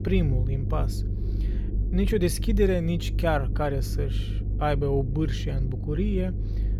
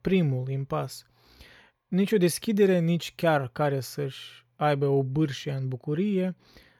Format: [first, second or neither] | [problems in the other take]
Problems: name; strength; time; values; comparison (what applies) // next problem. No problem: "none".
second | low rumble; noticeable; throughout; 15 dB below the speech